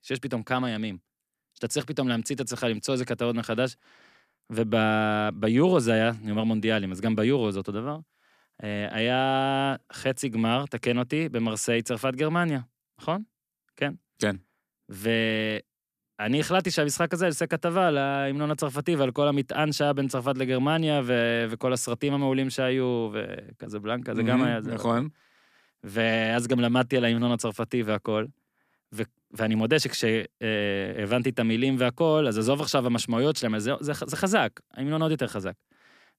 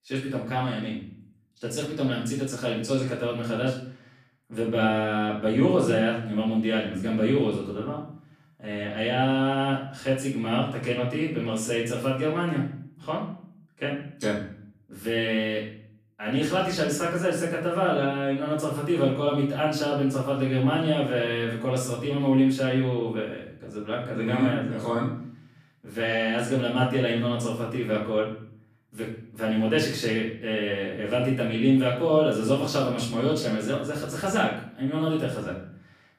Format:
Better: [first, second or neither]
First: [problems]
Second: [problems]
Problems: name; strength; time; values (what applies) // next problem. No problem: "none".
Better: first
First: none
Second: off-mic speech; far // room echo; noticeable; dies away in 0.5 s